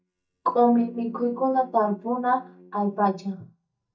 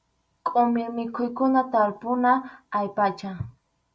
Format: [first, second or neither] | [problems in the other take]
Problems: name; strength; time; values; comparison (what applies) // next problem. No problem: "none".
second | noise reduction (neural mask model DeepFilterNet 3)